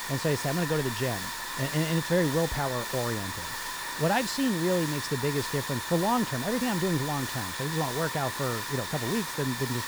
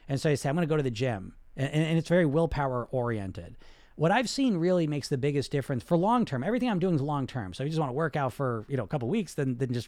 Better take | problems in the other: second | hiss; loud; throughout; 3 dB below the speech

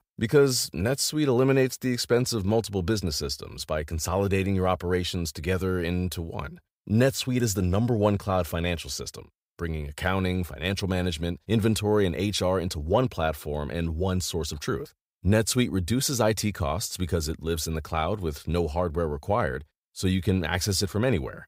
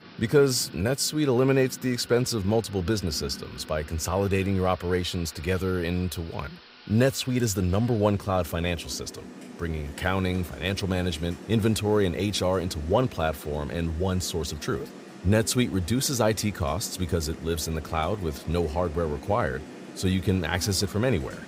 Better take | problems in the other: first | rain or running water; noticeable; throughout; 15 dB below the speech

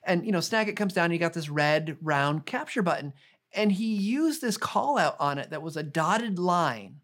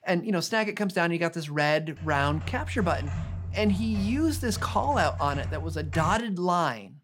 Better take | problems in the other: first | keyboard typing; noticeable; from 2 to 6 s; peak 6 dB below the speech

